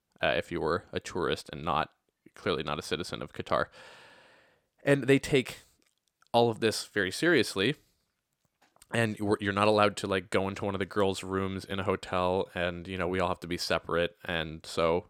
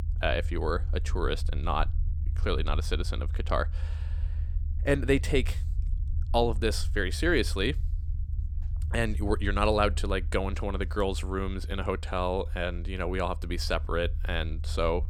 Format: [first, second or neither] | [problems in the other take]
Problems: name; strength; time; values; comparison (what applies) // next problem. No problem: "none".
first | low rumble; faint; throughout; 20 dB below the speech